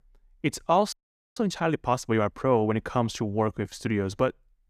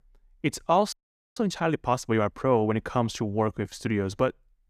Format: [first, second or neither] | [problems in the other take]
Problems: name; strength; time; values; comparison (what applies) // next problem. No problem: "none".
neither | audio freezing; at 1 s; the same in both